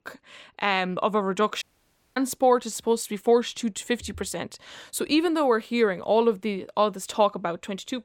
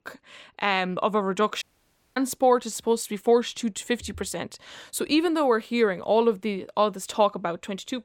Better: neither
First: audio cutting out; at 1.5 s for 0.5 s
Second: audio cutting out; at 1.5 s for 0.5 s

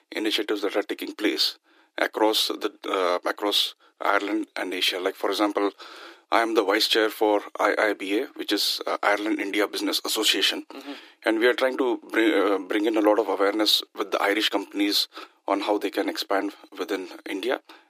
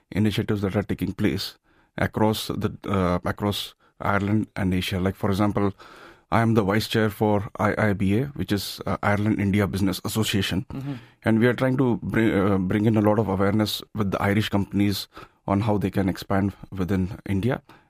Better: second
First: thin; very; fading below 300 Hz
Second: none

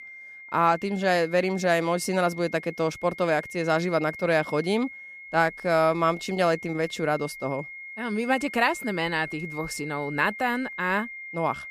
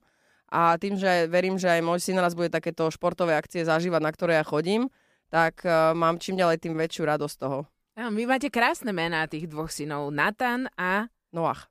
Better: second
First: high-pitched whine; noticeable; throughout; 2 kHz, 10 dB below the speech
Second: none

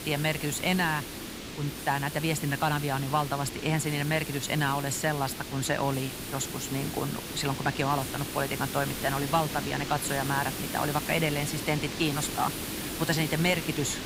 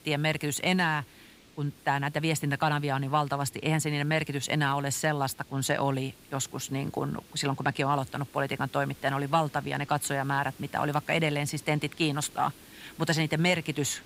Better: second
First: hiss; loud; throughout; 6 dB below the speech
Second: hiss; faint; throughout; 25 dB below the speech

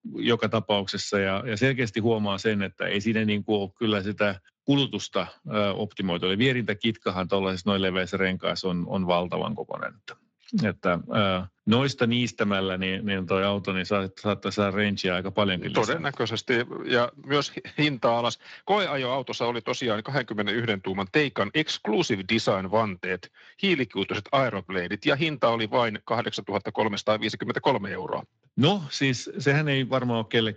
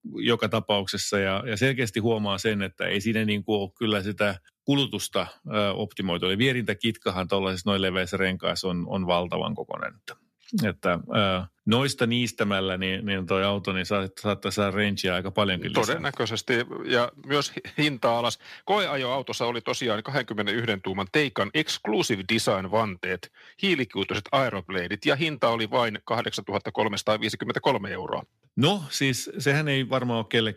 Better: second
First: garbled, watery; slightly; nothing above 7.5 kHz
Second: none

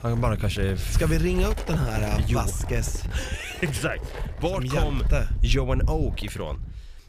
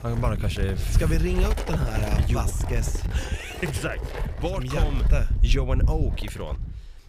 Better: first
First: wind noise on the microphone; occasional gusts; 10 dB below the speech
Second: wind noise on the microphone; heavy; 6 dB below the speech

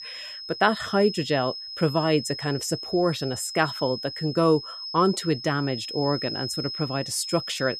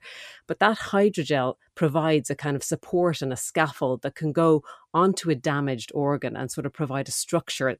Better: second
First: high-pitched whine; loud; throughout; 5 kHz, 8 dB below the speech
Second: none

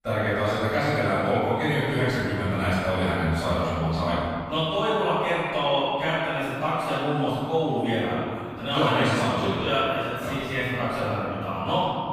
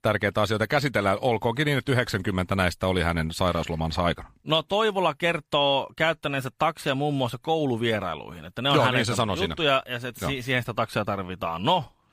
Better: second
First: off-mic speech; far // room echo; strong; dies away in 2 s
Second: none

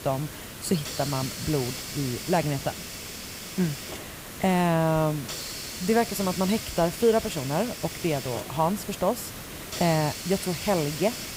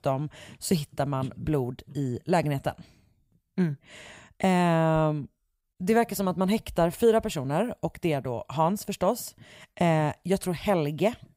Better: second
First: hiss; loud; throughout; 8 dB below the speech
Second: none

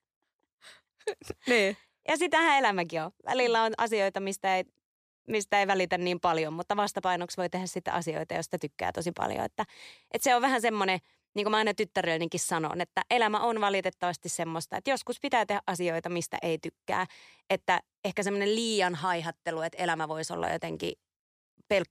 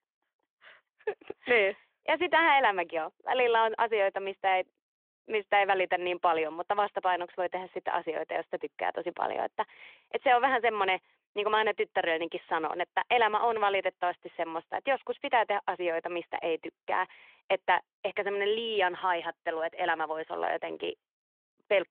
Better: first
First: none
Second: phone-call audio

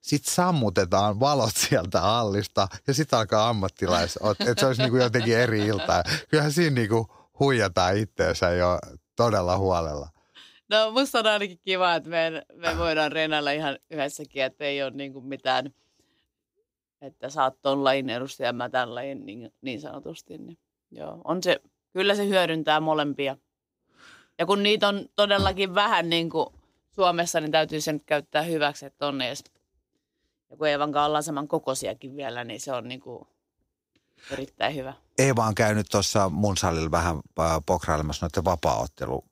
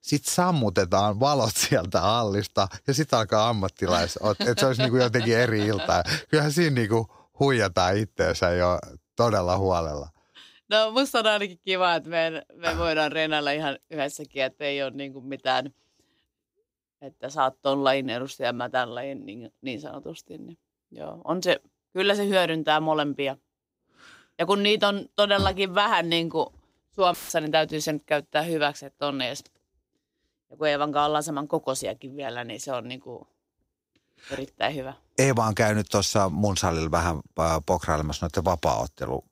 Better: first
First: none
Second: audio cutting out; filled with static; at 27 s

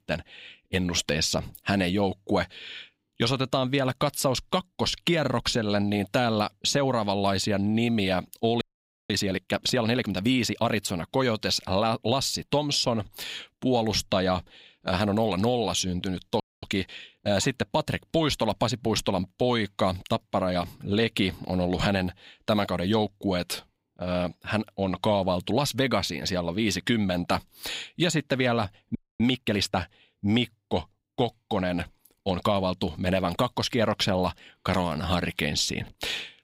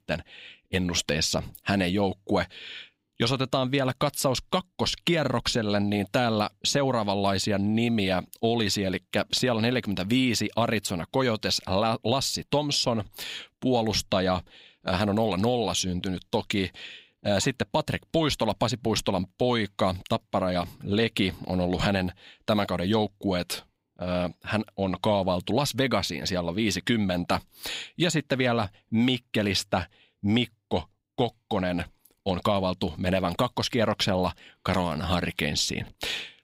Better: second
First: audio freezing; at 8.5 s, at 16 s and at 29 s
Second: none

